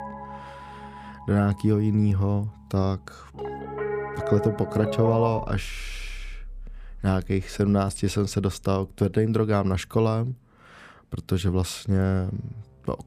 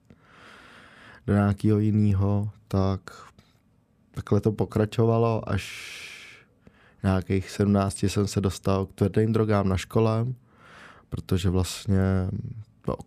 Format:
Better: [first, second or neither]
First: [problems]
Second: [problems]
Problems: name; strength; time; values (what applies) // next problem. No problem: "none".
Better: second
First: background music; loud; throughout; 10 dB below the speech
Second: none